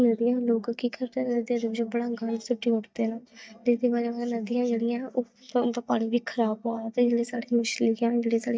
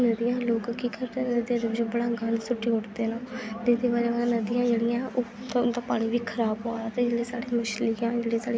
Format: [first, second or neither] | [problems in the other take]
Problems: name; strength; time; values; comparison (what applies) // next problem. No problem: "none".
second | noise reduction (neural mask model DeepFilterNet 3)